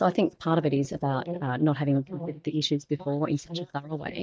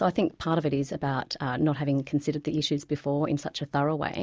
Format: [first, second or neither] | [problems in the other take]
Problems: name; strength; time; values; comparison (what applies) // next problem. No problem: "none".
second | noise reduction (neural mask model DeepFilterNet 3)